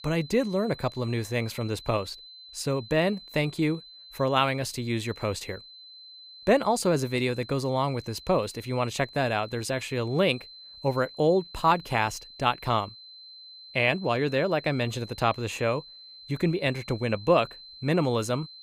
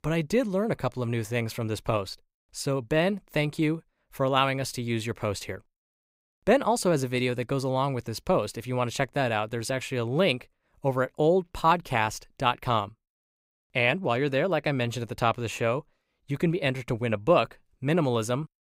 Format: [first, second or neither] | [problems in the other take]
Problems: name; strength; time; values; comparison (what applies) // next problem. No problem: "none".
second | high-pitched whine; noticeable; throughout; 4 kHz, 15 dB below the speech